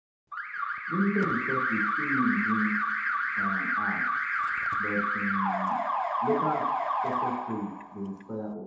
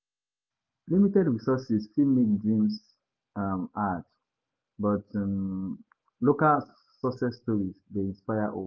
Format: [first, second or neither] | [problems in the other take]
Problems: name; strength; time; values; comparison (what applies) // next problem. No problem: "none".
second | background sound (Alarm); 4 dB above the speech // room echo; dies away in 0.8 s